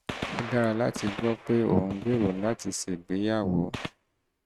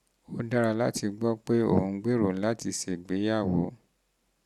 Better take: second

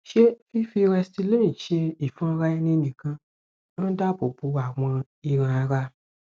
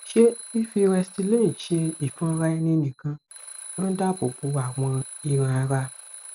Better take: first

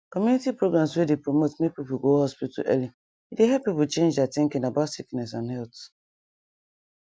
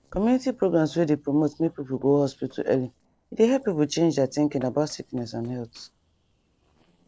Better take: first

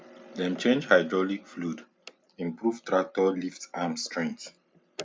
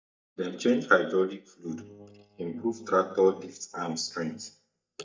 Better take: first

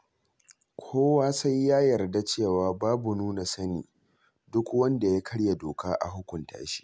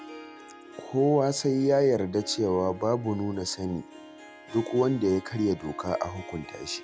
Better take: first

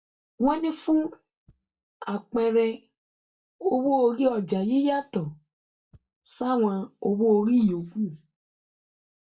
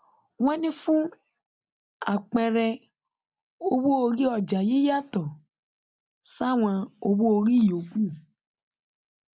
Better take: second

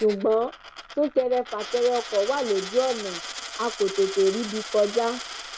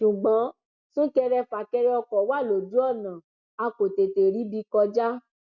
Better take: second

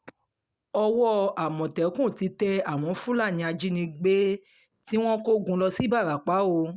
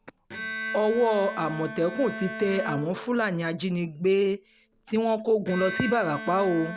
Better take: first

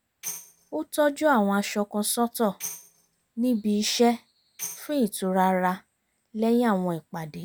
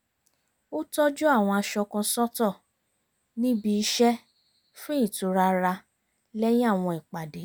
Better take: second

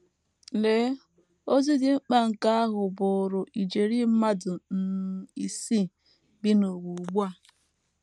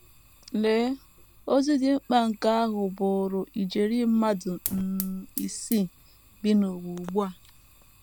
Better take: first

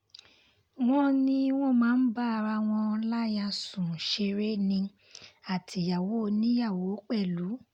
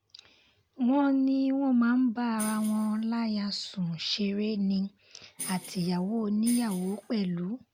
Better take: first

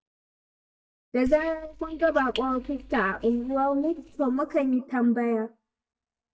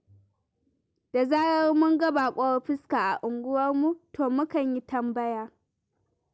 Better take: second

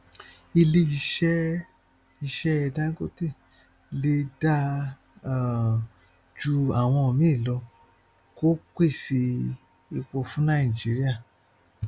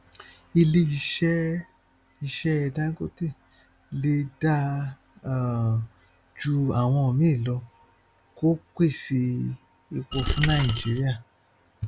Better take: first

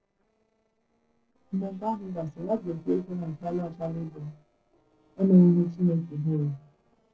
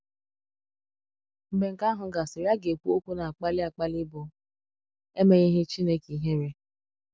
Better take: second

